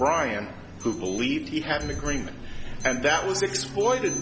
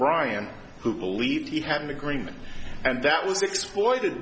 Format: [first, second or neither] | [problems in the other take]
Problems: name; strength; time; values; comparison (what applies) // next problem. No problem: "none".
second | background sound (Accelerating, revving, vroom + Alarm); 11 dB below the speech